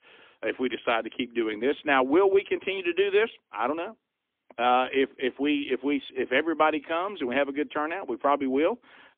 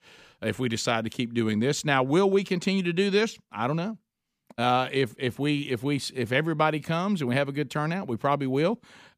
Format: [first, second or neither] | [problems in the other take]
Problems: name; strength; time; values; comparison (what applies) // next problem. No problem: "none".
second | phone-call audio; poor line; nothing above 3.5 kHz